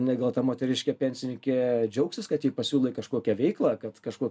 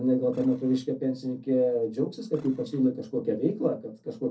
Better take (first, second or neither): first